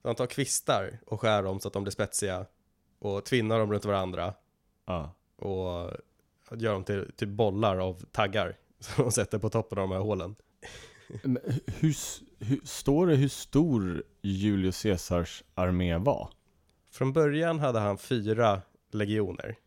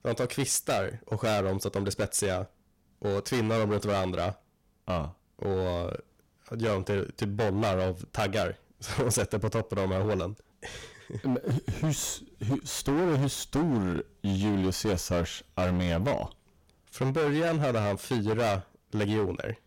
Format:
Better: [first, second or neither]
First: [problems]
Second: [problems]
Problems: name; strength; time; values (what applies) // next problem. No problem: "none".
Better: first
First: none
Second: distortion; heavy; 16% of the sound clipped